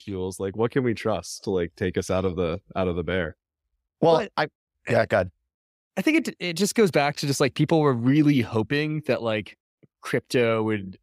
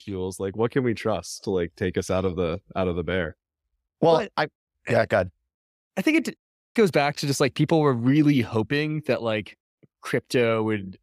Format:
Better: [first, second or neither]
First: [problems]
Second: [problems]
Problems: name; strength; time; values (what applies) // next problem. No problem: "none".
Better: first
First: none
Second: audio cutting out; at 6.5 s